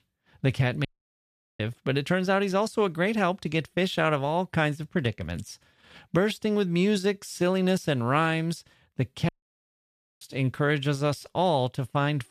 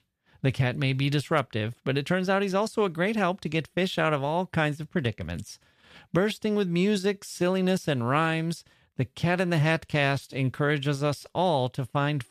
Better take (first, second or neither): second